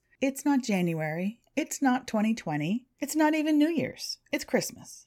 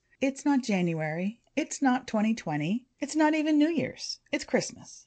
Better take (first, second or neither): first